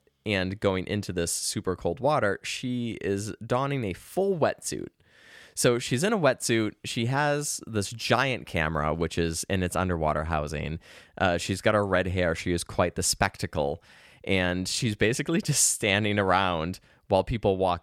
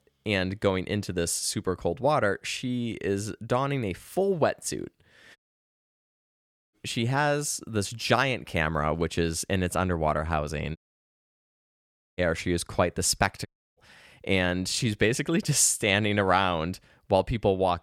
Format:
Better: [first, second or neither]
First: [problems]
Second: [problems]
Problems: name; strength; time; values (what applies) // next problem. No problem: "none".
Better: first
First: none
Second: audio cutting out; at 5.5 s for 1.5 s, at 11 s for 1.5 s and at 13 s